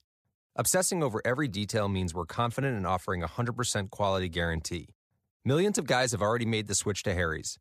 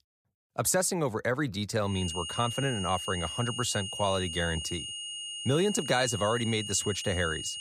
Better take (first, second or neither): first